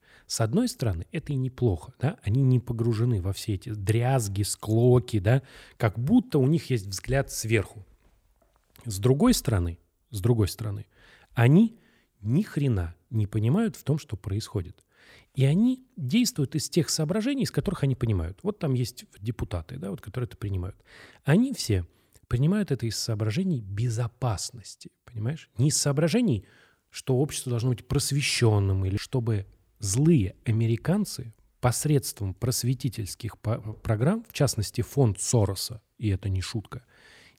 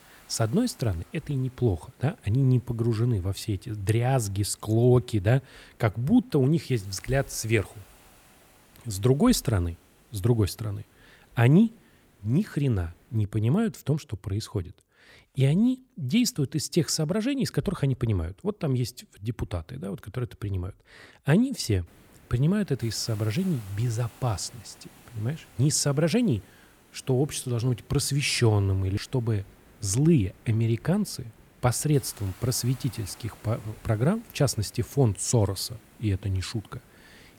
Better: first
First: none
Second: hiss; faint; until 13 s and from 22 s on; 25 dB below the speech

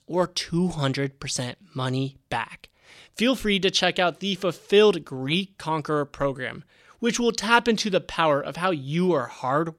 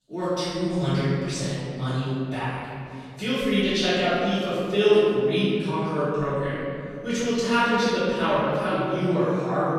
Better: first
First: none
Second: room echo; strong; dies away in 2.8 s // off-mic speech; far

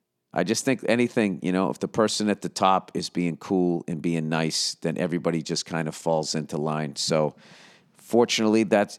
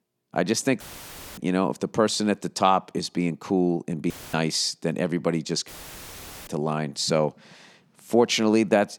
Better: first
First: none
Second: audio cutting out; filled with static; at 1 s for 0.5 s, at 4 s and at 5.5 s for 1 s

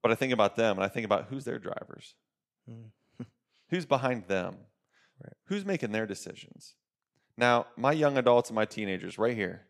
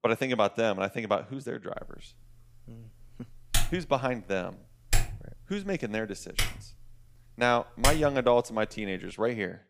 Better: first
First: none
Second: keyboard typing; loud; from 3.5 to 8 s; peak 1 dB above the speech

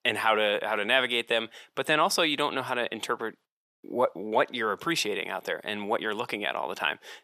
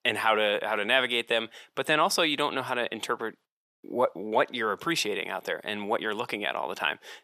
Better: neither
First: thin; somewhat; fading below 450 Hz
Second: thin; somewhat; fading below 450 Hz

